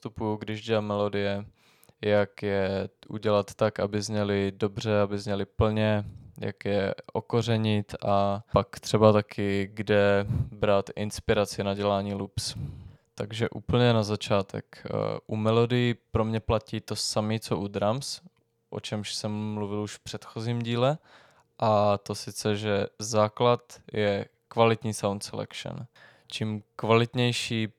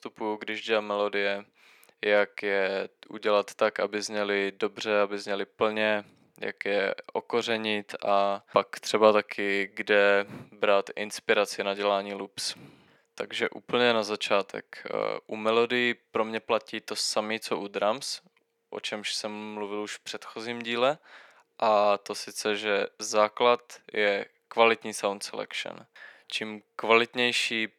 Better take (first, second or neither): first